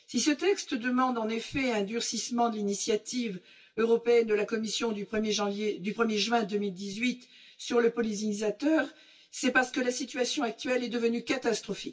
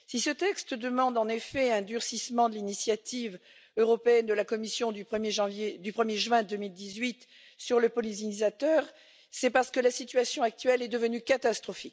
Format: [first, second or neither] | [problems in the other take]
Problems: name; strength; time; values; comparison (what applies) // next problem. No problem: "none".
second | room echo; dies away in 0.1 s